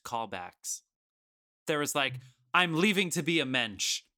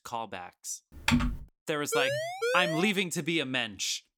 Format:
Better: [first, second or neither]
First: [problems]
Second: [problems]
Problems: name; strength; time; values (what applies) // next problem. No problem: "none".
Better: first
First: none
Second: keyboard typing; loud; at 1 s; peak 3 dB above the speech // siren; loud; at 2 s; peak level with the speech